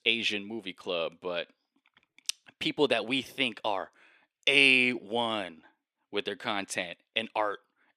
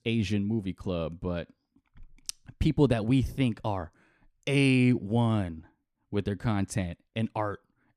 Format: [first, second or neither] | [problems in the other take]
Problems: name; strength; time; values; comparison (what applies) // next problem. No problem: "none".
second | thin; somewhat; fading below 500 Hz